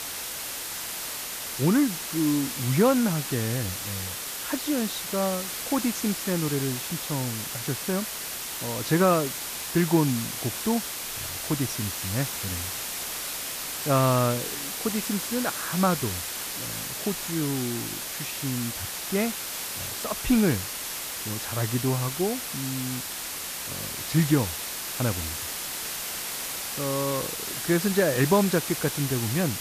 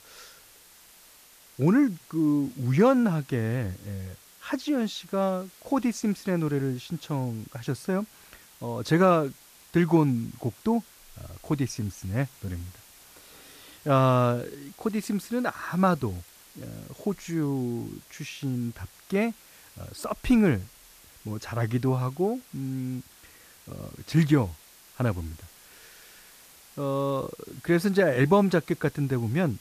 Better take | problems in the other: second | hiss; loud; throughout; 3 dB below the speech; faint in the second

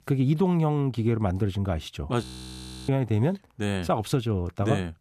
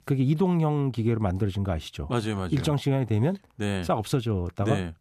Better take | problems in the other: second | audio freezing; at 2 s for 0.5 s

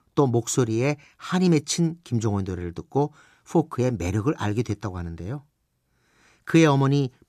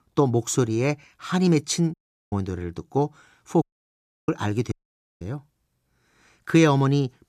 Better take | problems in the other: first | audio cutting out; at 2 s, at 3.5 s for 0.5 s and at 4.5 s

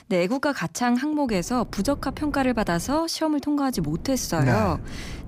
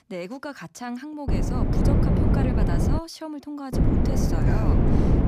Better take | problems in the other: first | wind noise on the microphone; heavy; from 1.5 to 3 s and from 3.5 s on; 5 dB above the speech; occasional gusts in the first

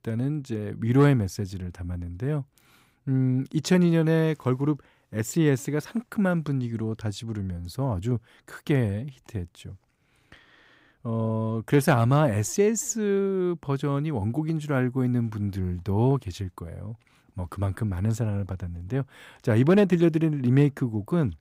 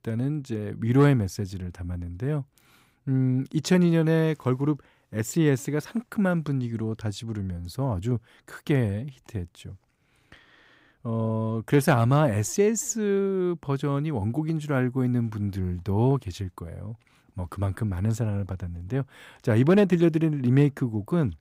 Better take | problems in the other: neither | none

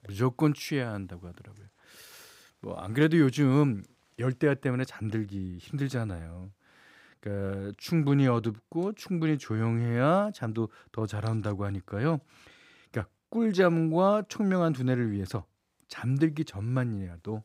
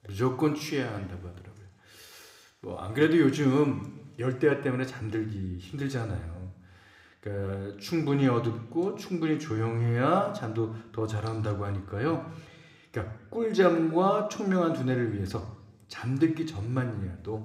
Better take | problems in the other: first | room echo; very slight; dies away in 0.8 s

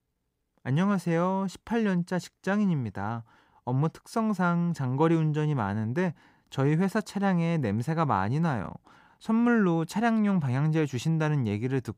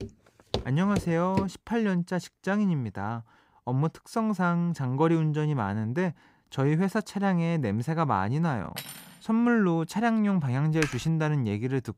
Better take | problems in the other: first | footsteps; noticeable; until 1.5 s; peak 7 dB below the speech // clattering dishes; faint; at 9 s; peak 10 dB below the speech // keyboard typing; noticeable; at 11 s; peak 7 dB below the speech

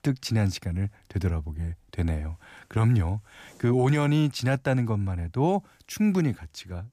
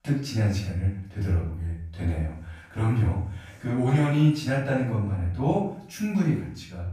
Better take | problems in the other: first | off-mic speech; far // room echo; noticeable; dies away in 0.5 s

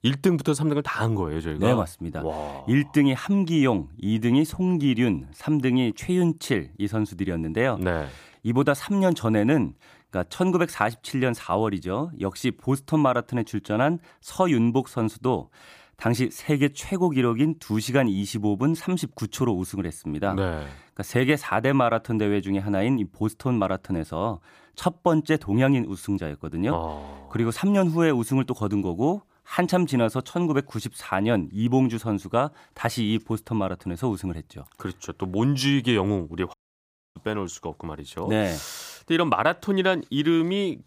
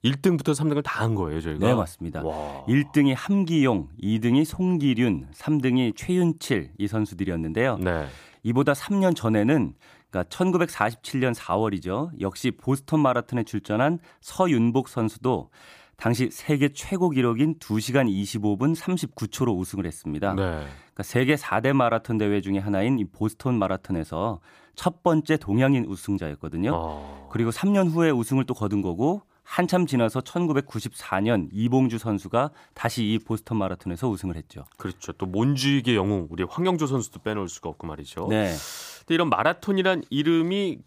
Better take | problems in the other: second | audio cutting out; at 37 s for 0.5 s

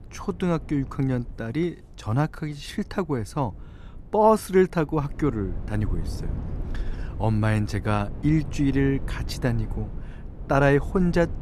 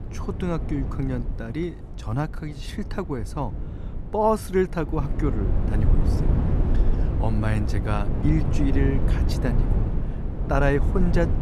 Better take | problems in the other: first | low rumble; loud; throughout; 8 dB below the speech; faint in the first

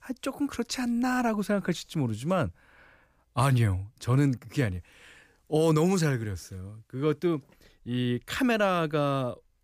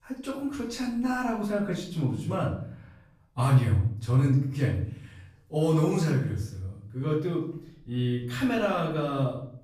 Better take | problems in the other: first | room echo; noticeable; dies away in 0.6 s // off-mic speech; far

